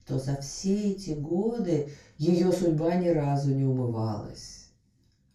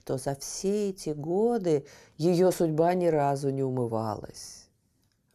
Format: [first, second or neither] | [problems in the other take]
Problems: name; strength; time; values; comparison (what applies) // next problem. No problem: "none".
second | room echo; noticeable; dies away in 0.3 s // off-mic speech; far